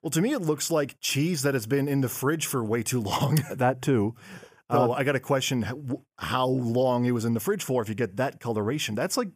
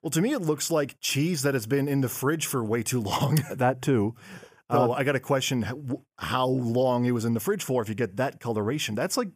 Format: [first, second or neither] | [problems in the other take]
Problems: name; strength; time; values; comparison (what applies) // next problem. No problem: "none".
neither | none